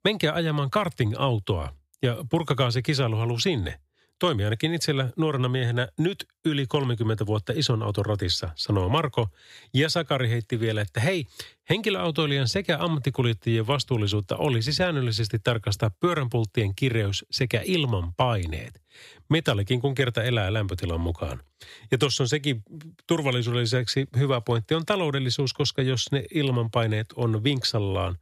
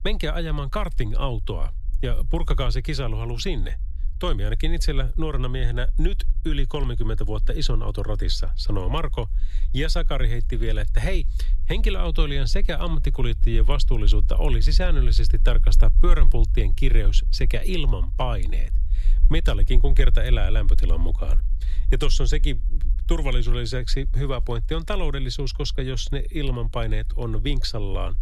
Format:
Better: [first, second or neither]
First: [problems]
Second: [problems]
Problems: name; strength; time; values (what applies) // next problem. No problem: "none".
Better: first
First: none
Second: low rumble; faint; throughout; 20 dB below the speech